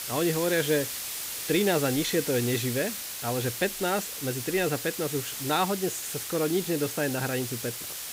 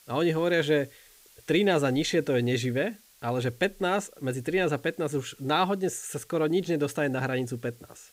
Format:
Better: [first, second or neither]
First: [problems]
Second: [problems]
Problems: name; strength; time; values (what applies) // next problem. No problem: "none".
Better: second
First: hiss; loud; throughout; 4 dB below the speech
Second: hiss; faint; throughout; 25 dB below the speech